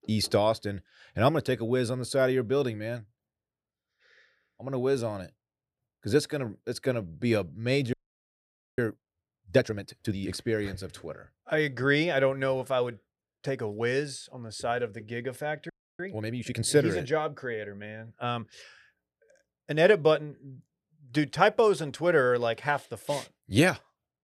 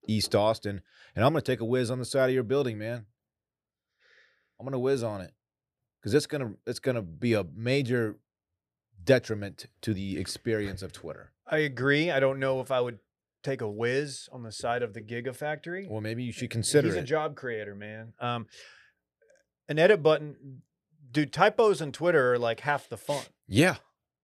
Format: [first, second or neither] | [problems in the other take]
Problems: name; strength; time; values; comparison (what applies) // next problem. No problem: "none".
second | audio freezing; at 8 s for 1 s and at 16 s